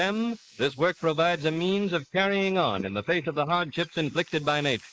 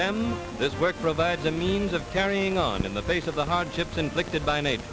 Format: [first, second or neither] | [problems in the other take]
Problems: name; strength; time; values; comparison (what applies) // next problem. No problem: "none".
second | noise reduction (neural mask model Resemble Enhance denoiser)